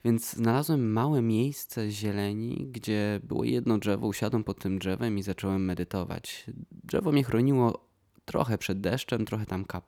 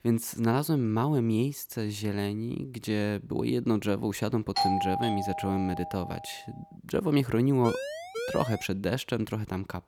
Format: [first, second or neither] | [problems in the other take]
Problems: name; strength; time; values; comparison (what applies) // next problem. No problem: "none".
first | doorbell; loud; from 4.5 to 6 s; peak 2 dB above the speech // siren; noticeable; from 7.5 to 8.5 s; peak 5 dB below the speech